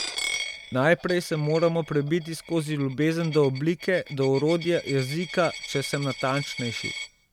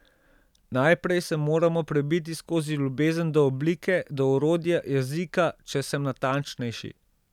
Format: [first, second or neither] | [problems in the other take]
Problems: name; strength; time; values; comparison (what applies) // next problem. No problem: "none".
second | background sound (Coin (dropping)); 11 dB below the speech